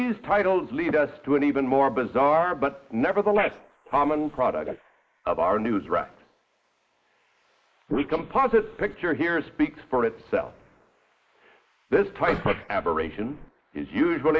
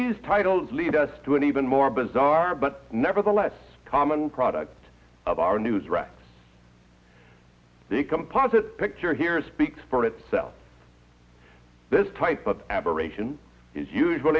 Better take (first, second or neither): second